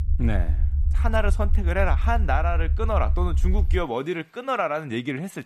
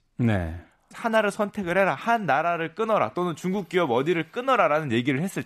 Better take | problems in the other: second | low rumble; noticeable; until 4 s; 15 dB below the speech

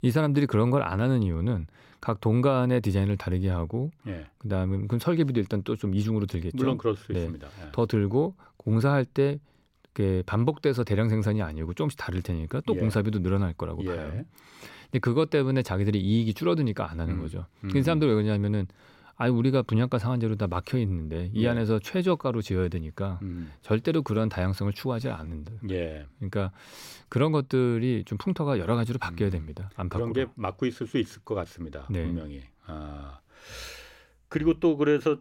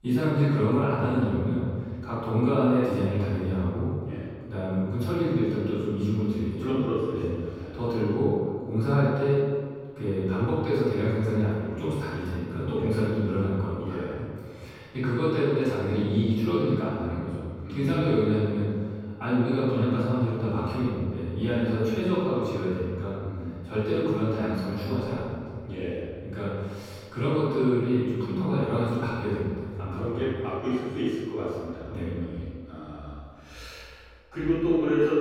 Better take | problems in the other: first | off-mic speech; far // room echo; strong; dies away in 1.7 s

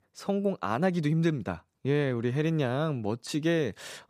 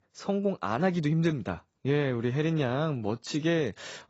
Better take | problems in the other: first | garbled, watery; badly; nothing above 7.5 kHz

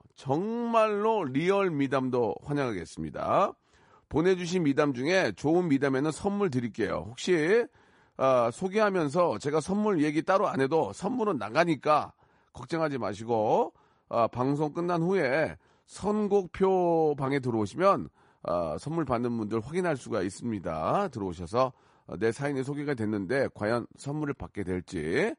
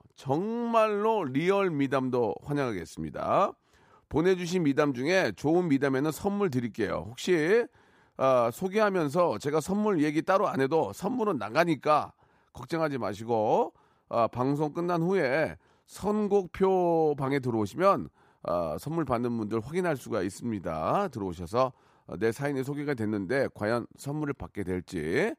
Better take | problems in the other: second | garbled, watery; slightly; nothing above 10.5 kHz

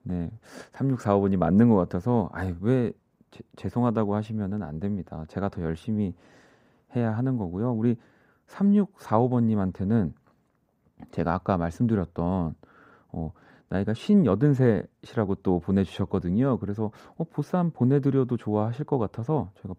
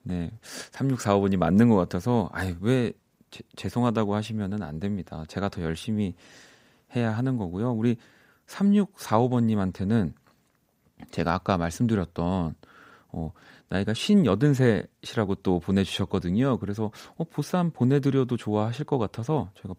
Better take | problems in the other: second | muffled; slightly; fading above 2 kHz

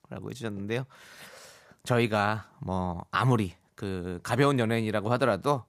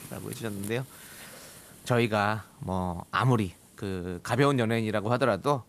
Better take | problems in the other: first | hiss; faint; throughout; 20 dB below the speech

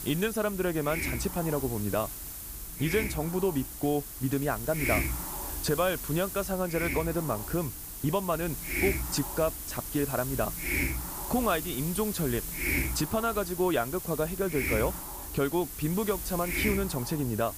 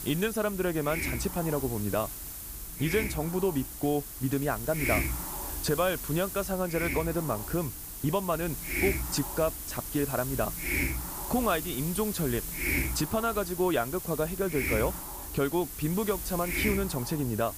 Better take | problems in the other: neither | hiss; loud; throughout; 3 dB below the speech; the same in both

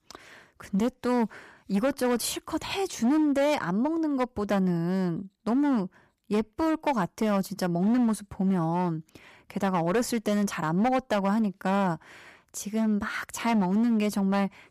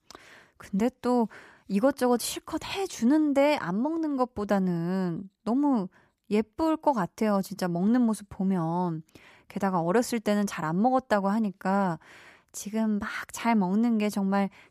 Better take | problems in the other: second | distortion; slight; 9% of the sound clipped

